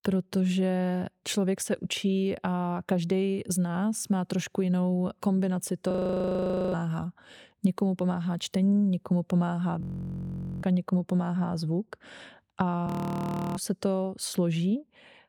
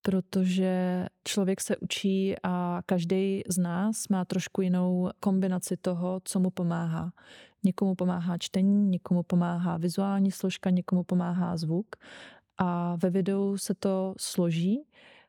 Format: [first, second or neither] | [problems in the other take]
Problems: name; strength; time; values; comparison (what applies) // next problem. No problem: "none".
second | audio freezing; at 6 s for 1 s, at 10 s for 1 s and at 13 s for 0.5 s